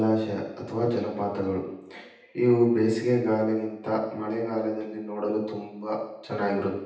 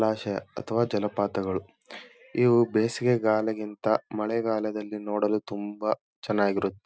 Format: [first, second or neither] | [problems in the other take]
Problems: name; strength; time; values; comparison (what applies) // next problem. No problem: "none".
second | room echo; dies away in 0.9 s